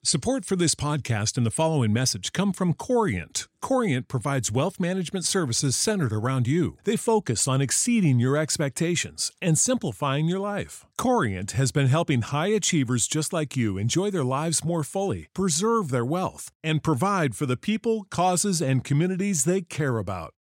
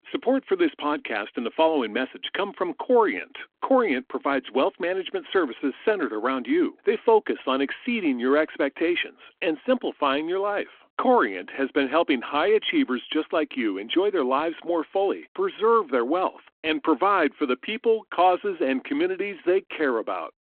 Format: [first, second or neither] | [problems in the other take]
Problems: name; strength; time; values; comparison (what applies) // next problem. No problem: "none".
first | phone-call audio